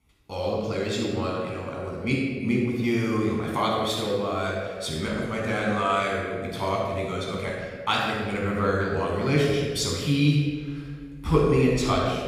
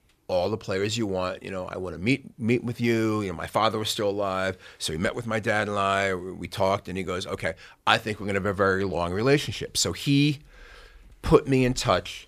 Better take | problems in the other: second | off-mic speech; far // room echo; strong; dies away in 1.4 s

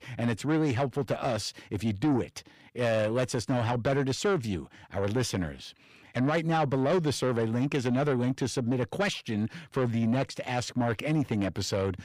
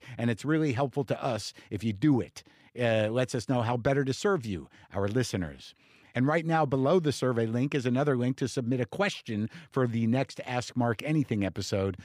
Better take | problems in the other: second | distortion; slight; 10 dB below the speech

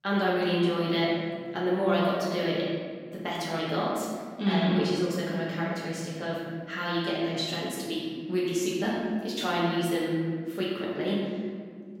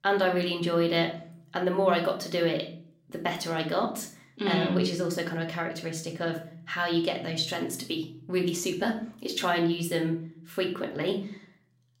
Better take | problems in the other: second | room echo; strong; dies away in 1.8 s; slight in the second // off-mic speech; far

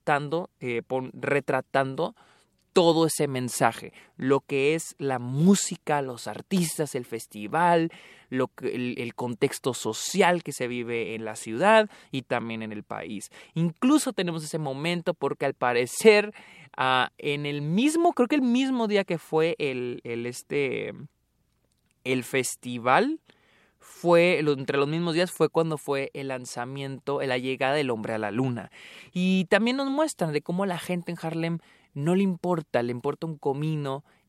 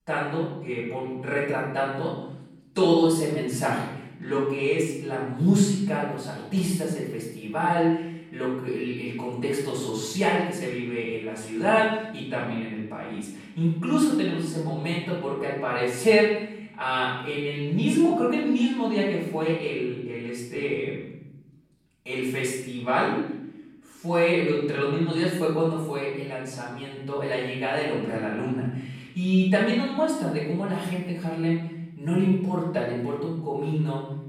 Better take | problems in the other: first | off-mic speech; far // room echo; noticeable; dies away in 0.9 s

